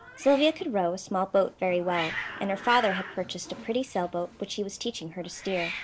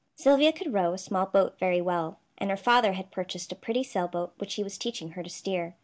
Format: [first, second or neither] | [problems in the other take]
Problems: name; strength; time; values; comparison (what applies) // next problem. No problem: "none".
second | background sound (Hiss); 12 dB below the speech